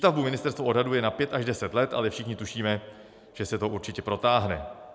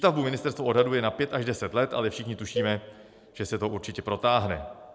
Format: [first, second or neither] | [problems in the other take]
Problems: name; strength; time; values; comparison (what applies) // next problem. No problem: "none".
first | noise reduction (neural separator model SepFormer DNS4)